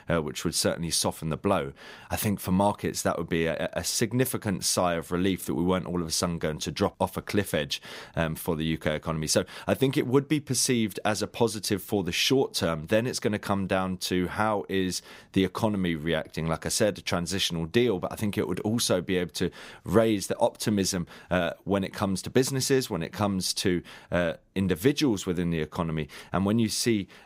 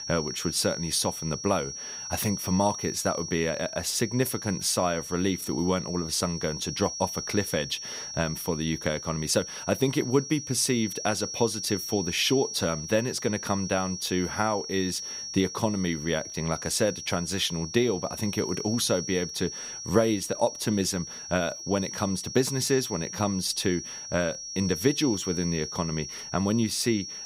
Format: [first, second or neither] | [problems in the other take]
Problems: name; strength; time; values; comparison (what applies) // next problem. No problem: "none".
first | high-pitched whine; loud; throughout; 5.5 kHz, 7 dB below the speech